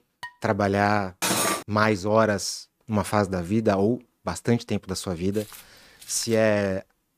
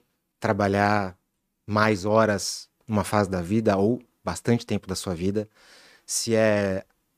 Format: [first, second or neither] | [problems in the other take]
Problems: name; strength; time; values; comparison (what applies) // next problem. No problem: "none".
second | clattering dishes; faint; at the start; peak 15 dB below the speech // clattering dishes; loud; at 1 s; peak 2 dB above the speech // footsteps; faint; from 5.5 to 6.5 s; peak 15 dB below the speech